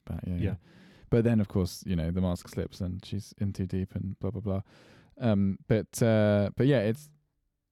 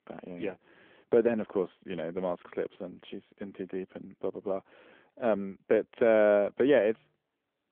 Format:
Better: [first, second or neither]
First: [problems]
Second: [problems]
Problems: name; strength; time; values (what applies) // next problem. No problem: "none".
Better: first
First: none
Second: phone-call audio; nothing above 3.5 kHz